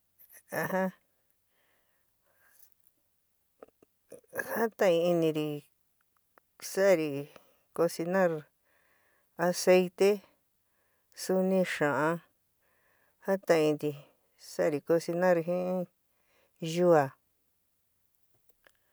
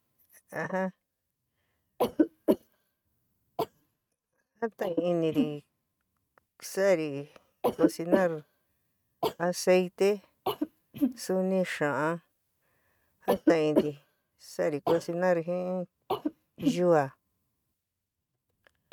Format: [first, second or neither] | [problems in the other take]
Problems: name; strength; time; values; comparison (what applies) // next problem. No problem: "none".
first | noise reduction (neural mask model RNNoise)